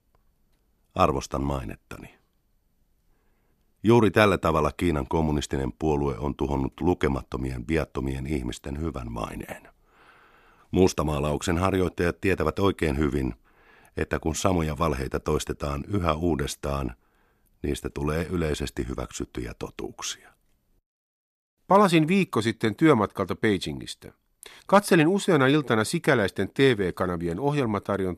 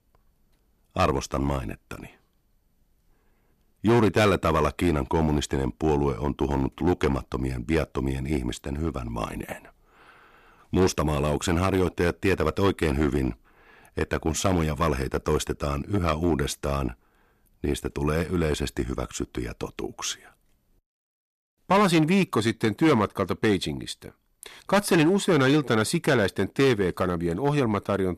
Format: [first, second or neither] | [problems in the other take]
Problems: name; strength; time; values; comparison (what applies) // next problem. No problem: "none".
first | distortion; slight; 4% of the sound clipped